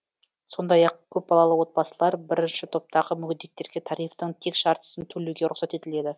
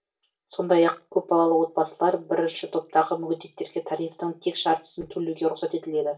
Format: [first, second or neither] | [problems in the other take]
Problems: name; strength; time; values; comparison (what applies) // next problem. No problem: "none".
first | room echo; dies away in 0.2 s